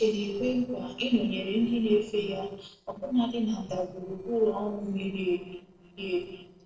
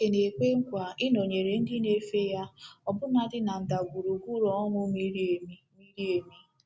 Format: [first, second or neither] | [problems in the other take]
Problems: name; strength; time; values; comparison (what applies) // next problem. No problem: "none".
second | noise reduction (neural separator model SepFormer DNS4)